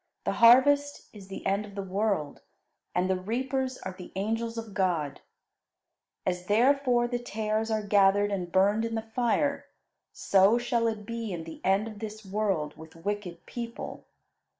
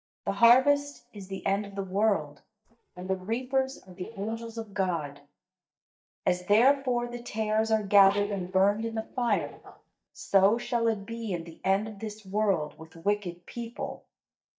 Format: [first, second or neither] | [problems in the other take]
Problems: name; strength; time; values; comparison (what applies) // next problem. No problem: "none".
first | noise reduction (neural mask model DeepFilterNet 3)